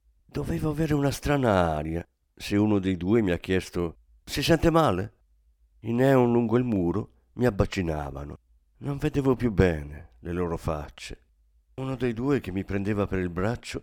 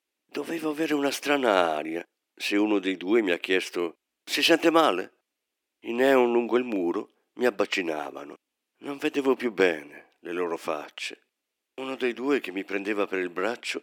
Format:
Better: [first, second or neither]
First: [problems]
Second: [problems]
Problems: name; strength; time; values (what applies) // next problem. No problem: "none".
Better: first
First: none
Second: thin; somewhat; fading below 300 Hz